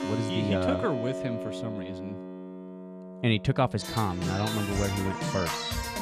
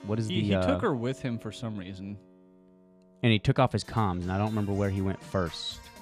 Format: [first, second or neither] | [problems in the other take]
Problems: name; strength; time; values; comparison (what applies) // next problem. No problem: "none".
second | background music; loud; throughout; 5 dB below the speech; faint in the second